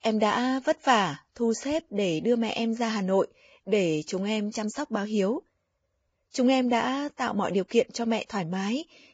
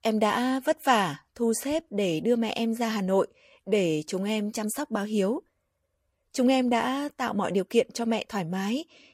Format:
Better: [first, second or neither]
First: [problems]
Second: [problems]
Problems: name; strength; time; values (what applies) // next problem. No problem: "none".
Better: second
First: garbled, watery; badly; nothing above 7.5 kHz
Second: garbled, watery; slightly; nothing above 15 kHz